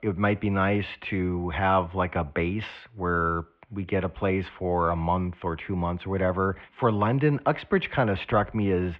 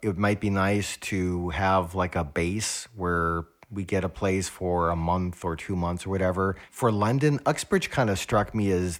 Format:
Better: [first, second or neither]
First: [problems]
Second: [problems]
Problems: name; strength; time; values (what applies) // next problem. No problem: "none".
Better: second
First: muffled; very; fading above 3 kHz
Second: none